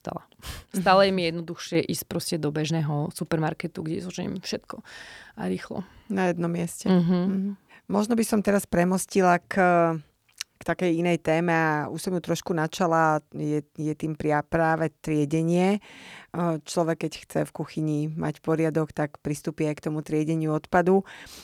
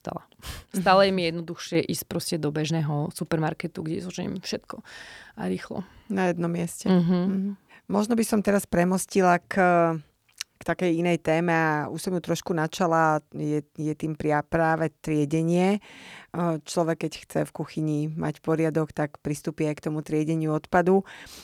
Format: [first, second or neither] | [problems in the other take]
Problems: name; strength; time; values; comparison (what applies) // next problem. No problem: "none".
neither | none